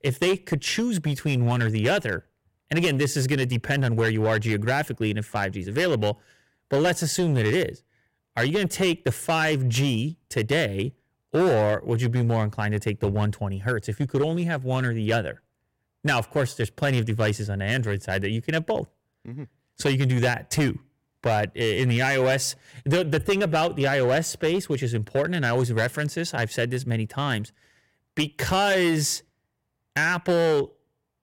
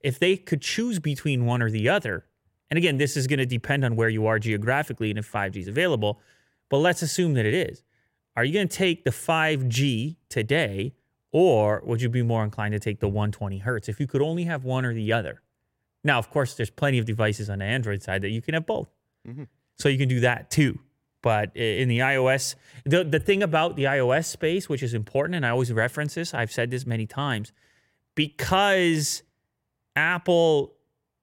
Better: second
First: distortion; slight; 8% of the sound clipped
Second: none

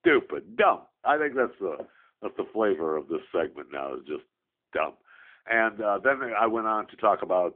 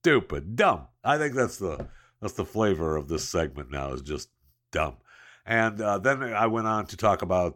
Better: second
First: phone-call audio; nothing above 3.5 kHz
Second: none

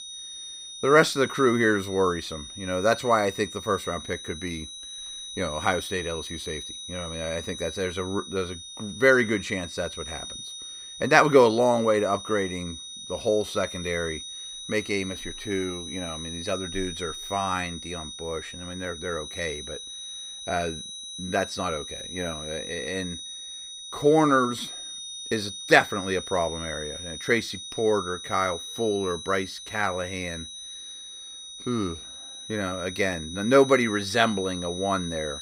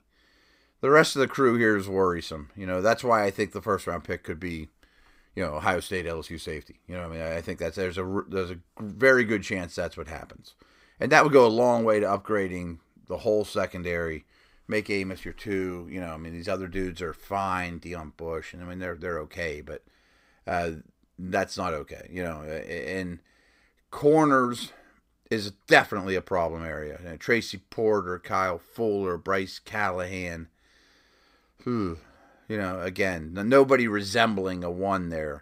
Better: second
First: high-pitched whine; noticeable; throughout; 4 kHz, 10 dB below the speech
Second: none

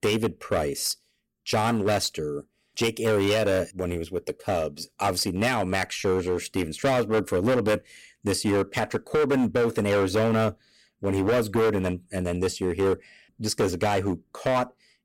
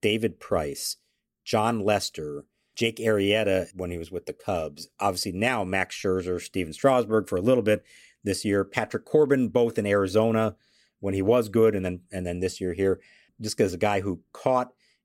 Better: second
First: distortion; heavy; 12% of the sound clipped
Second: none

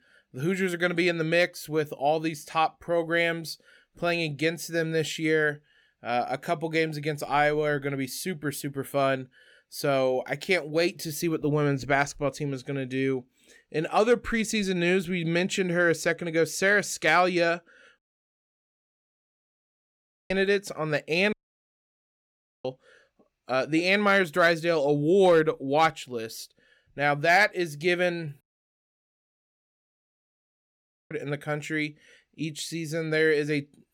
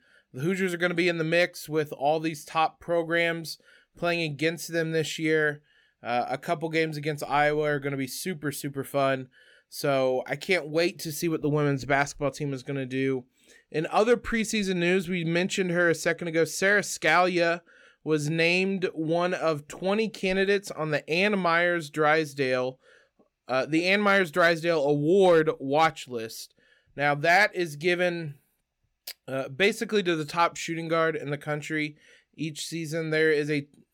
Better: second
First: audio cutting out; at 18 s for 2.5 s, at 21 s for 1.5 s and at 28 s for 2.5 s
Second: none

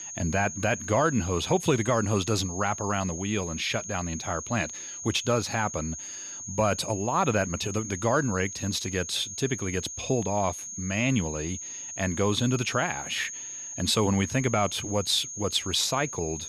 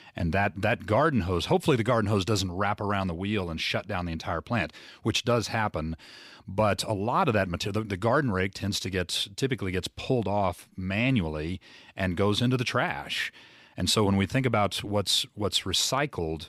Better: second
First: high-pitched whine; loud; throughout; 6.5 kHz, 8 dB below the speech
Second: none

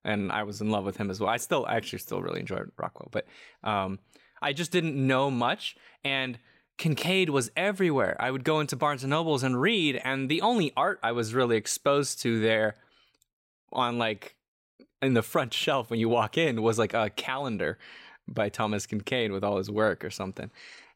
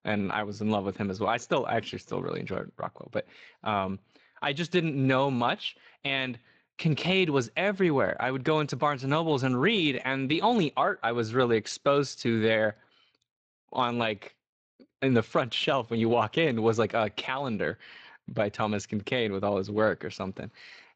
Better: first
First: none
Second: garbled, watery; slightly; nothing above 7.5 kHz

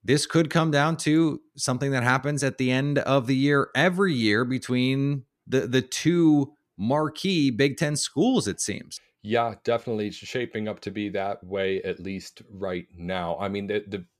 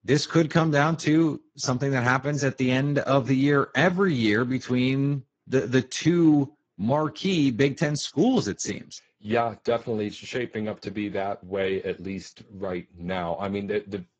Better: first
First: none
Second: garbled, watery; badly; nothing above 7.5 kHz

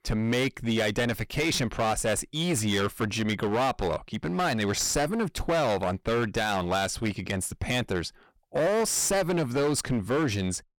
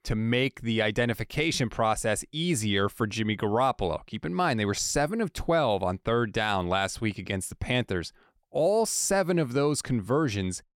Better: second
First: distortion; heavy; 18% of the sound clipped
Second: none

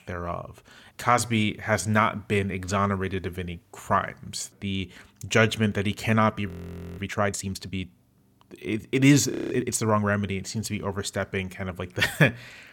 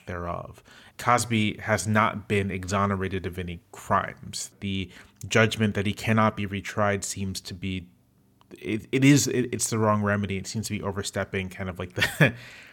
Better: second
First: audio freezing; at 6.5 s for 0.5 s and at 9.5 s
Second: none

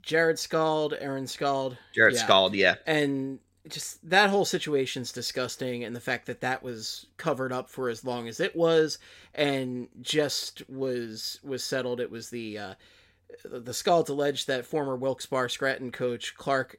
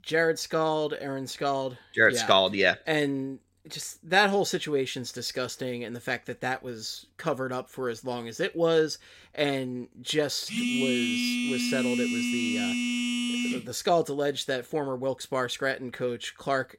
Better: first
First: none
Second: phone ringing; loud; from 10 to 14 s; peak 2 dB above the speech

